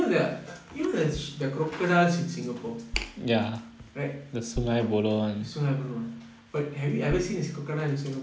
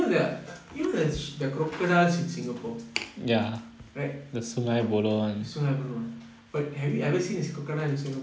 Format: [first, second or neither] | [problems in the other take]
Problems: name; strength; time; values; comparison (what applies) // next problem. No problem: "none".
second | background sound (Bass drum); 11 dB below the speech